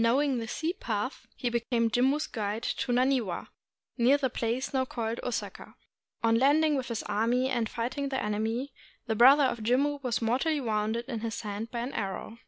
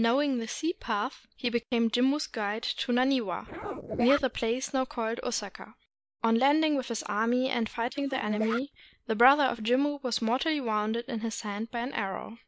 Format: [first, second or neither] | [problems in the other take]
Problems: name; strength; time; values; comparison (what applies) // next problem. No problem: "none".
first | noise reduction (neural mask model Resemble Enhance denoiser)